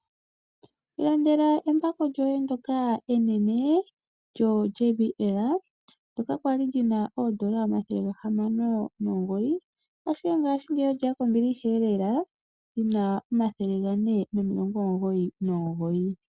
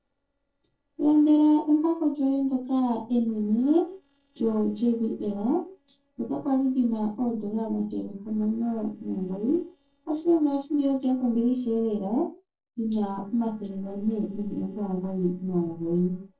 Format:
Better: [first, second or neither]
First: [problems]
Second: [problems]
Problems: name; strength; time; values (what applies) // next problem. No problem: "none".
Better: first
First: none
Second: noise reduction (neural separator model SepFormer DNS4)